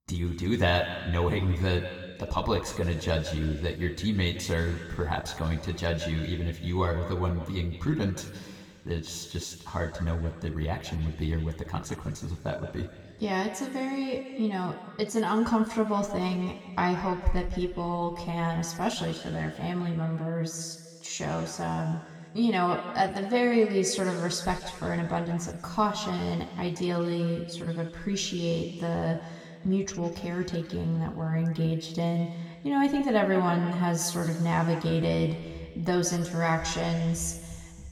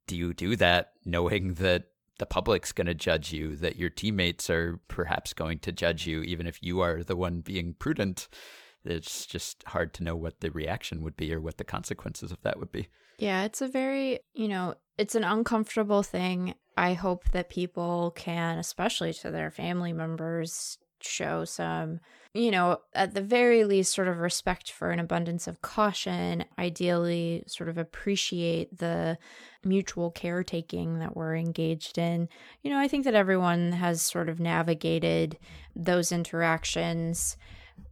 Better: second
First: room echo; slight; dies away in 1.7 s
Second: none

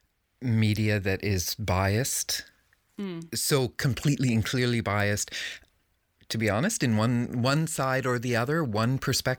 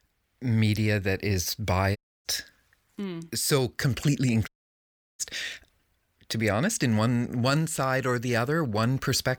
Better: first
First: none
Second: audio cutting out; at 2 s and at 4.5 s for 0.5 s

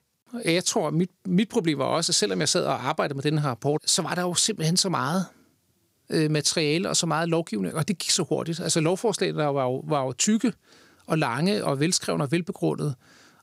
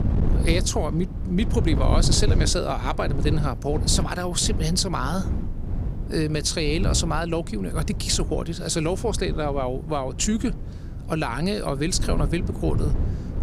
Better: first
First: none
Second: wind noise on the microphone; occasional gusts; 10 dB below the speech

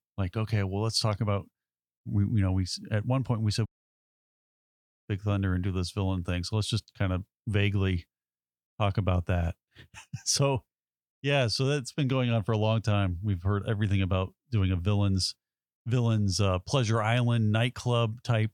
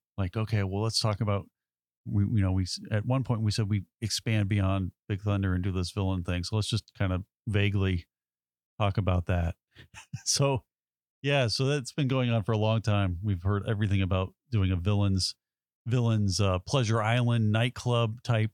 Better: second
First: audio cutting out; at 3.5 s for 1.5 s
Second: none

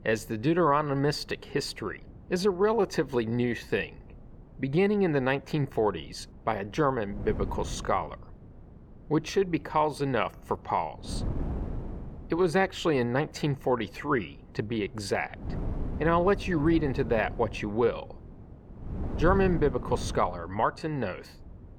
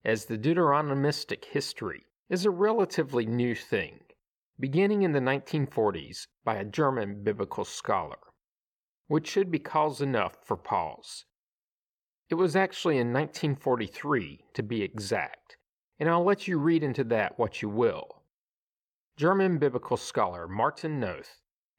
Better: second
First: wind noise on the microphone; occasional gusts; 20 dB below the speech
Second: none

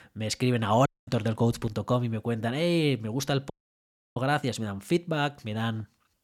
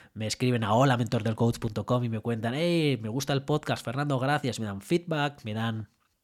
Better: second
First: audio cutting out; at 1 s and at 3.5 s for 0.5 s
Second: none

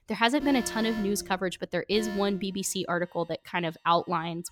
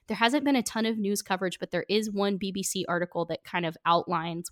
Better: second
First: alarms or sirens; noticeable; throughout; 10 dB below the speech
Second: none

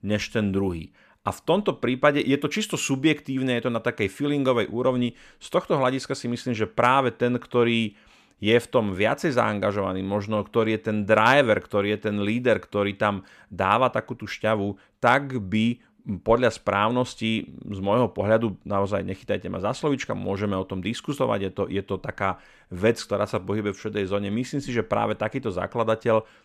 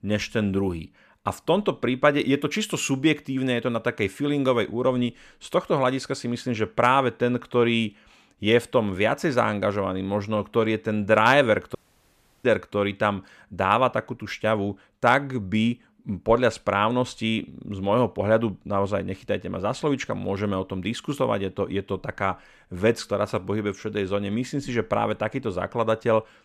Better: first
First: none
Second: audio cutting out; at 12 s for 0.5 s

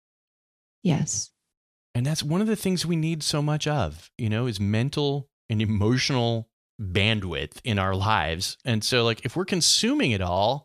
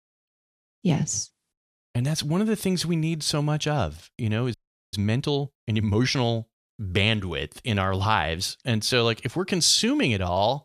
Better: first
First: none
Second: audio freezing; at 4.5 s

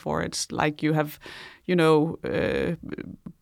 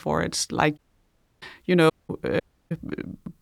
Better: first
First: none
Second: audio cutting out; at 1 s for 0.5 s, at 2 s and at 2.5 s

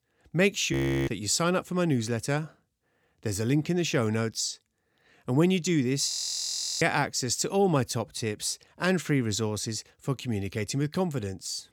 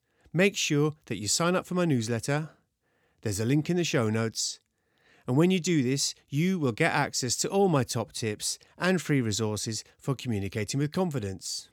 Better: second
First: audio freezing; at 0.5 s and at 6 s for 0.5 s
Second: none

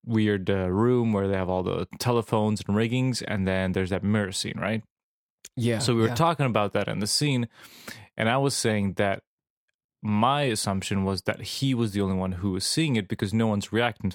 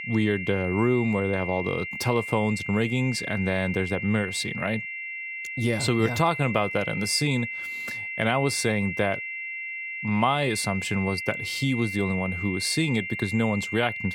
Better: first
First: none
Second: high-pitched whine; loud; throughout; 2 kHz, 6 dB below the speech

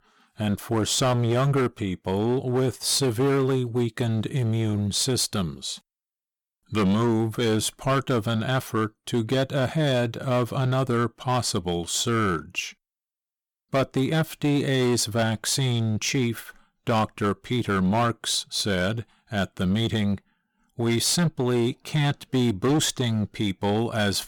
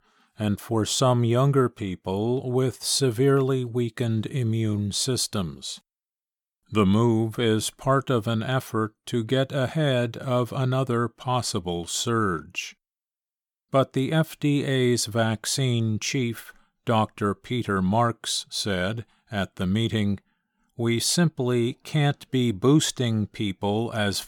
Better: second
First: distortion; slight; 11% of the sound clipped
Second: none

